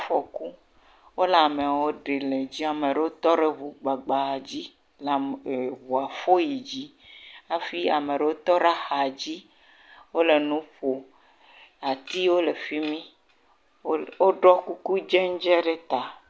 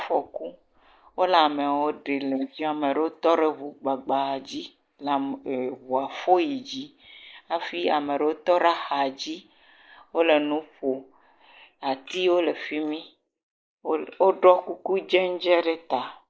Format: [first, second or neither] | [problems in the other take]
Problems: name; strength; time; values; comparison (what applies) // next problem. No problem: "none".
first | noise reduction (neural mask model Resemble Enhance denoiser)